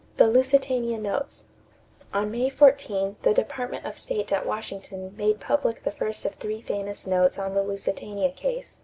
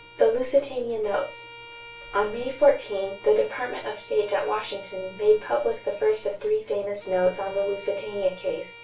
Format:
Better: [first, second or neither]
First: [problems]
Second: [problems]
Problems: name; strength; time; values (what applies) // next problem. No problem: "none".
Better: first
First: none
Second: background sound (Bowed string instrument); 20 dB below the speech // room echo; dies away in 0.2 s